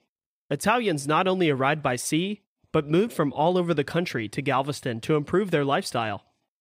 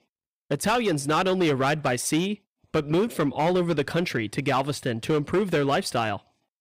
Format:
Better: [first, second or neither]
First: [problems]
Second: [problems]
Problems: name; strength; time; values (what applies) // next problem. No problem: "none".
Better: first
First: none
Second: distortion; slight; 9% of the sound clipped